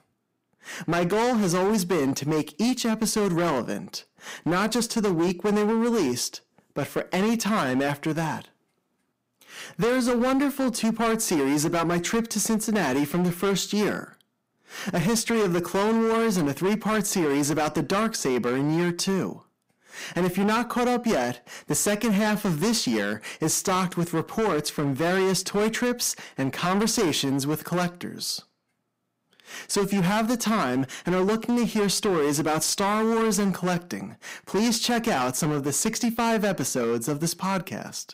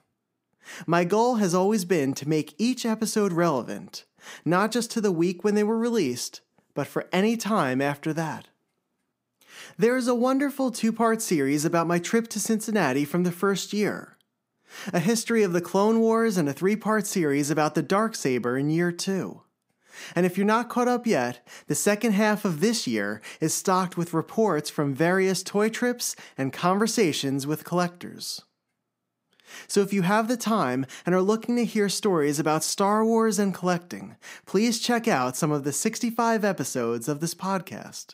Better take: second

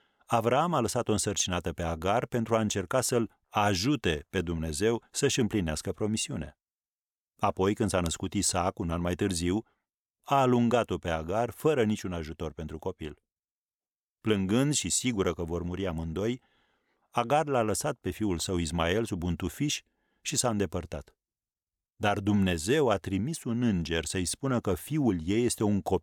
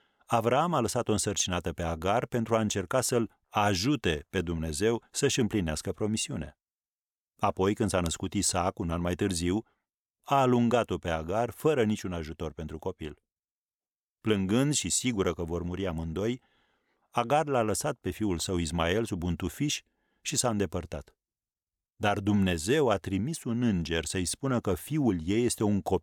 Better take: neither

